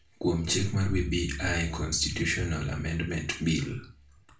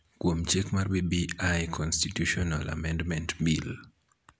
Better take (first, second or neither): second